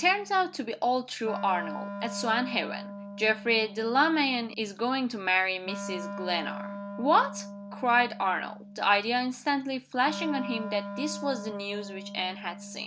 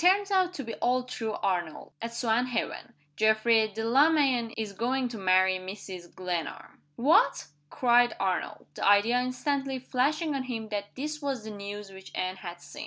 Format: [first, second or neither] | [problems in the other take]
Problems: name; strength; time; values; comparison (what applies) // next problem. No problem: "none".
second | background sound (Wind instrument, woodwind instrument); 11 dB below the speech